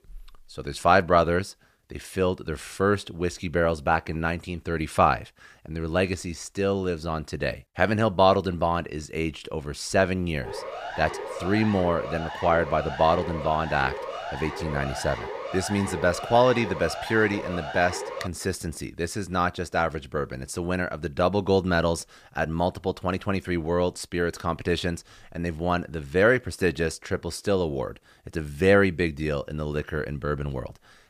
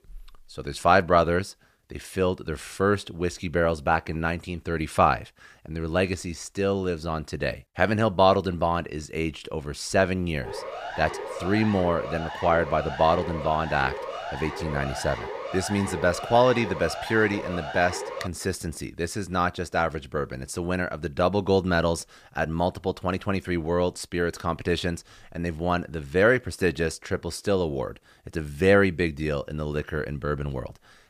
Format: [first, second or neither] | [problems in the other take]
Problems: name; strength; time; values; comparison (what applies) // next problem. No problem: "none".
neither | siren; noticeable; from 10 to 18 s; peak 8 dB below the speech; the same in both